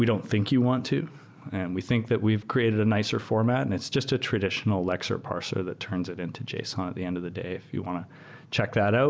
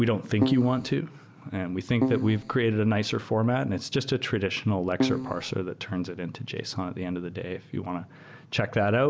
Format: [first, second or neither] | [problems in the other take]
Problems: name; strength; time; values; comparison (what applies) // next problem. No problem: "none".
first | background sound (Keyboard (musical)); 1 dB below the speech